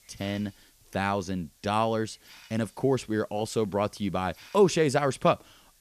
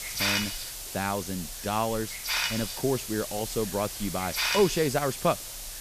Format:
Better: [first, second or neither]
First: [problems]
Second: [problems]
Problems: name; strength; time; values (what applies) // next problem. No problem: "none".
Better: first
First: hiss; faint; throughout; 25 dB below the speech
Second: hiss; loud; throughout; 1 dB below the speech